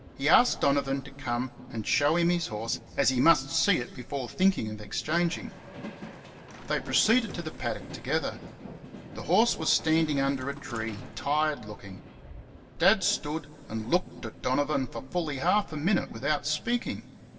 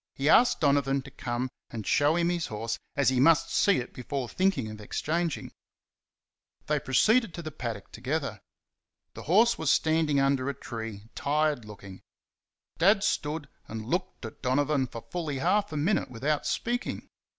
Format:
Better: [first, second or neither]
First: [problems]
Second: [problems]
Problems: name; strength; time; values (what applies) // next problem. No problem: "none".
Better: second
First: background sound (Train); 17 dB below the speech // room echo; dies away in 2.2 s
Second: none